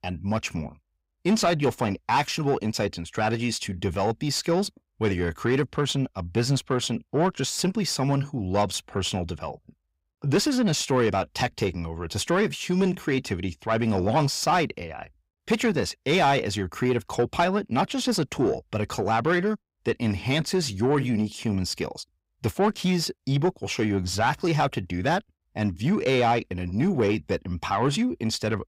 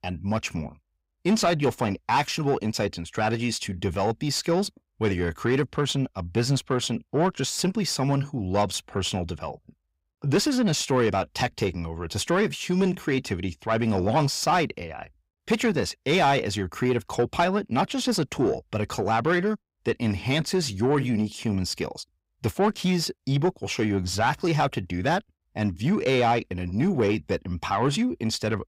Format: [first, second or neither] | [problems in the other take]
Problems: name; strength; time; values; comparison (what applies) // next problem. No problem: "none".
neither | distortion; slight; 10 dB below the speech; the same in both